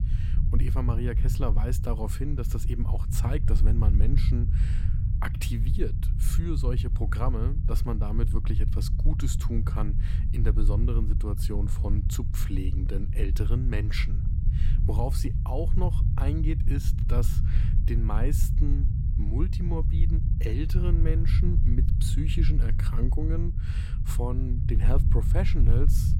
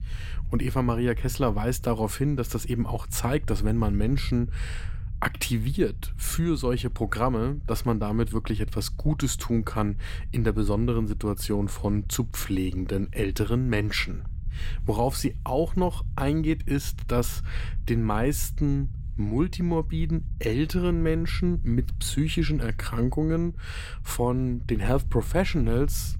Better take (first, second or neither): second